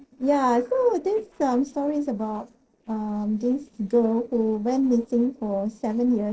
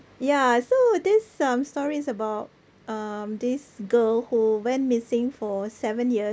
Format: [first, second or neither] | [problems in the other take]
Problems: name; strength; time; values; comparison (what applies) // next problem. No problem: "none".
second | noise reduction (neural separator model SepFormer DNS4)